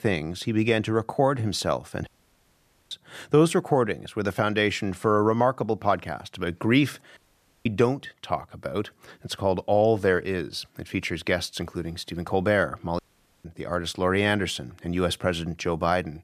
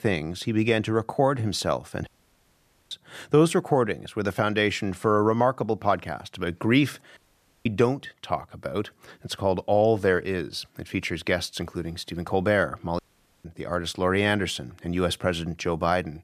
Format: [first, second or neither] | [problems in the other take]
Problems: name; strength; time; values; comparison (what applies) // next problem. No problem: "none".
neither | audio cutting out; at 2 s for 1 s, at 7 s and at 13 s; the same in both